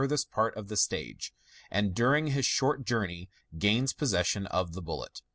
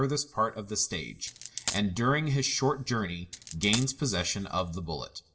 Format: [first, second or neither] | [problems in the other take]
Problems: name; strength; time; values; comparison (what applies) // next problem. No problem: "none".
first | background sound (Coin (dropping)); 7 dB below the speech // room echo; dies away in 0.5 s